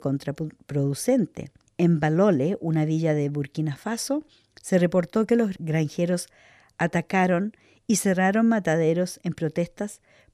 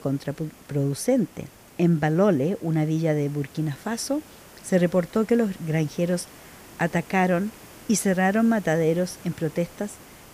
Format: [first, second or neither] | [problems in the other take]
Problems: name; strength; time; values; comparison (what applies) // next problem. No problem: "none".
first | hiss; faint; throughout; 20 dB below the speech